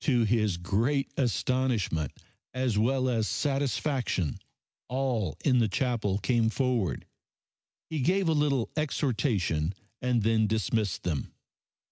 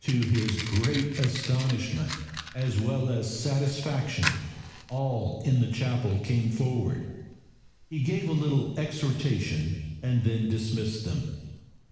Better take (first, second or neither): first